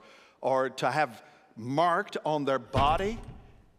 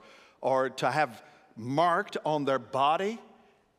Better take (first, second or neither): second